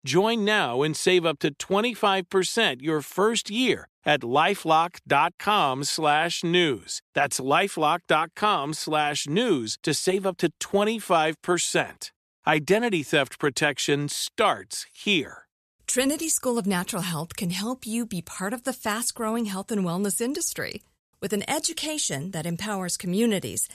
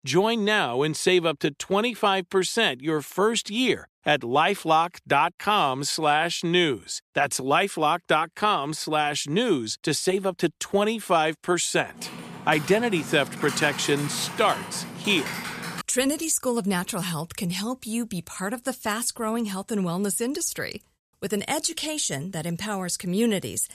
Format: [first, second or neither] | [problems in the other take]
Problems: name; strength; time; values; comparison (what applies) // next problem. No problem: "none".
first | keyboard typing; noticeable; from 12 to 16 s; peak 7 dB below the speech